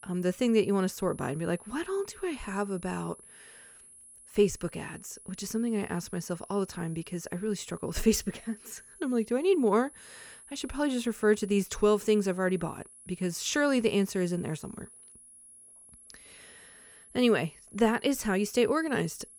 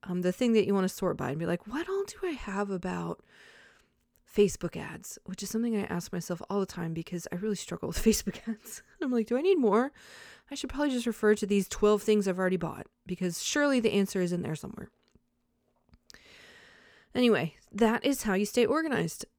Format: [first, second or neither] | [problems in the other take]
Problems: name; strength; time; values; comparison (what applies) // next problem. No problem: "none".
second | high-pitched whine; faint; throughout; 10.5 kHz, 20 dB below the speech